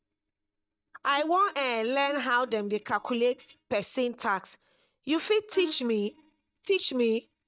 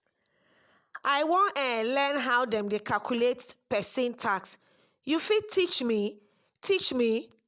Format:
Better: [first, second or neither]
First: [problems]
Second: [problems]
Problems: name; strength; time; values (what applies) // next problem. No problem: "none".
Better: second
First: noise reduction (neural mask model DeepFilterNet 3)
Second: none